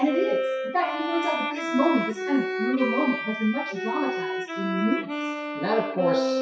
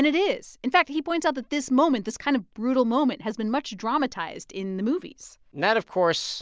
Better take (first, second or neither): second